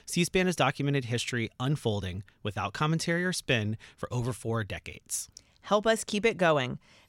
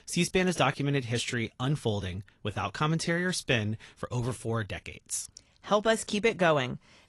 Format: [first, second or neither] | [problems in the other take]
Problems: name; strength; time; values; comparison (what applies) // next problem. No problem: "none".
first | garbled, watery; slightly; nothing above 11.5 kHz